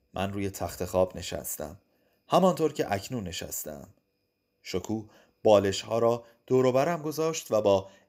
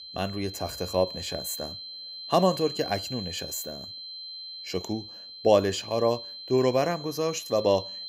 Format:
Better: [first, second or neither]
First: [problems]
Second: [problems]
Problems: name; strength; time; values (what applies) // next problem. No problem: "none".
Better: first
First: none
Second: high-pitched whine; loud; throughout; 4 kHz, 10 dB below the speech